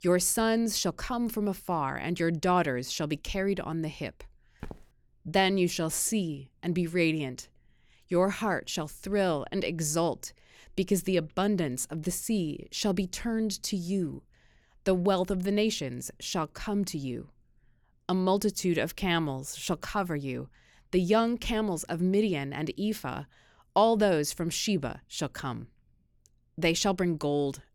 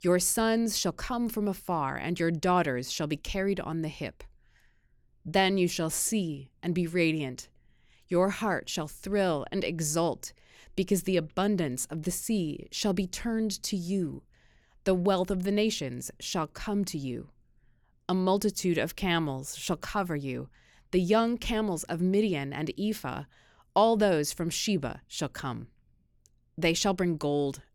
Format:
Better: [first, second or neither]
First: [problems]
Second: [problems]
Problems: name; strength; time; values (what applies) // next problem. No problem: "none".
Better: second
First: footsteps; faint; at 4.5 s; peak 15 dB below the speech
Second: none